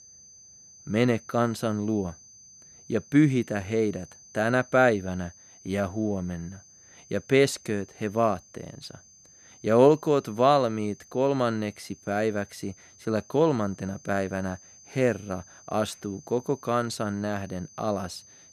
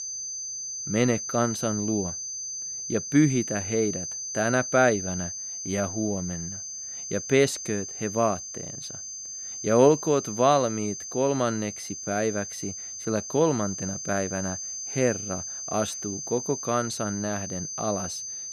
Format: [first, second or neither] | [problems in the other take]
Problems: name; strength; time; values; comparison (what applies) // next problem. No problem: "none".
first | high-pitched whine; loud; throughout; 6 kHz, 6 dB below the speech; faint in the first